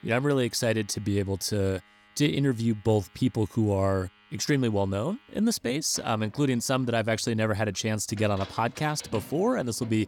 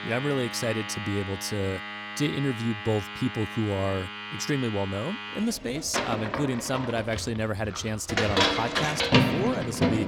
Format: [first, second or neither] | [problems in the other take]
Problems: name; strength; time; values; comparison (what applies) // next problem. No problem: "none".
first | household noises; loud; throughout; as loud as the speech; faint in the first